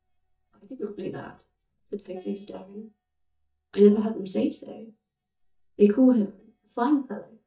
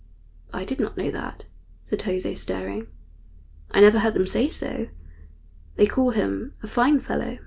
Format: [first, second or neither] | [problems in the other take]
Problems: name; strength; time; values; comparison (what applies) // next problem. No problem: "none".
second | noise reduction (neural mask model DeepFilterNet 3)